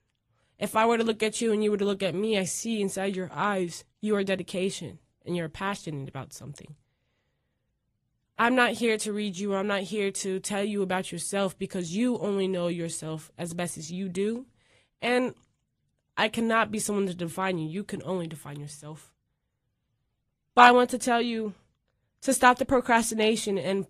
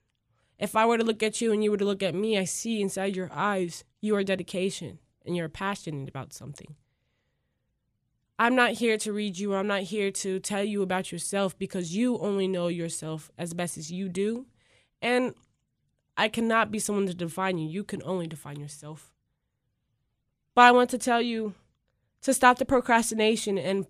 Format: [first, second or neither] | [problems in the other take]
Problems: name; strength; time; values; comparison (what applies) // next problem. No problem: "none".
second | garbled, watery; slightly